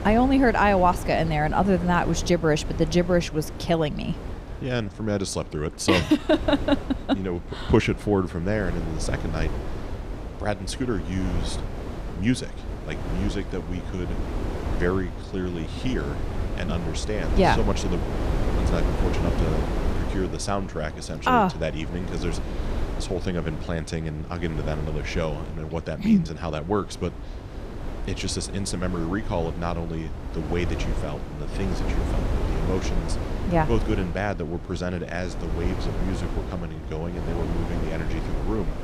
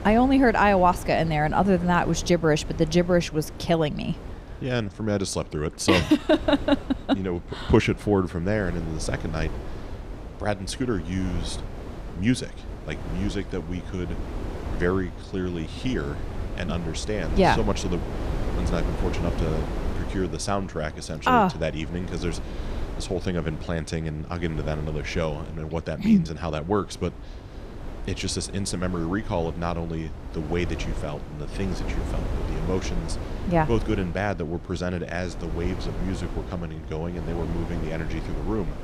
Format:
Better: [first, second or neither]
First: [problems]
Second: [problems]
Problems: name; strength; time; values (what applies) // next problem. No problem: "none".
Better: second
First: wind noise on the microphone; heavy; 10 dB below the speech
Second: wind noise on the microphone; occasional gusts; 15 dB below the speech